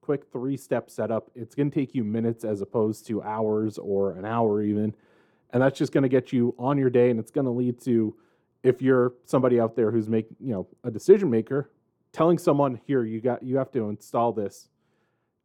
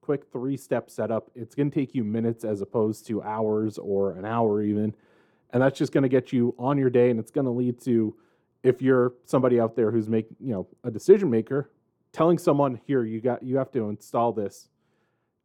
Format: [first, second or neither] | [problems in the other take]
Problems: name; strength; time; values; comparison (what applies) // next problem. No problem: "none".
neither | muffled; slightly; fading above 1.5 kHz; the same in both